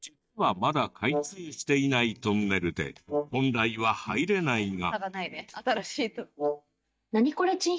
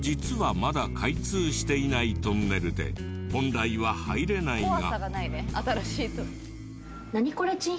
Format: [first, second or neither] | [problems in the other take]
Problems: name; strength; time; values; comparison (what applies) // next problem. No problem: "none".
second | noise reduction (neural mask model DeepFilterNet 3)